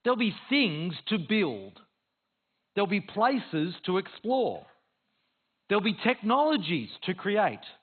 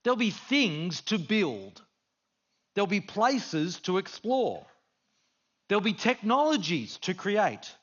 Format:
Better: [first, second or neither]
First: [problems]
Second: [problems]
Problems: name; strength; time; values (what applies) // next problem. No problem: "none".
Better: second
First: garbled, watery; badly; nothing above 4 kHz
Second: garbled, watery; slightly; nothing above 6.5 kHz